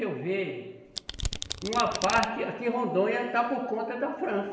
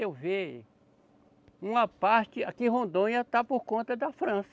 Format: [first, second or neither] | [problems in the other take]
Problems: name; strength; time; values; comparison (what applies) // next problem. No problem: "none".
second | background sound (Domestic sounds, home sounds); 6 dB below the speech // room echo; dies away in 1 s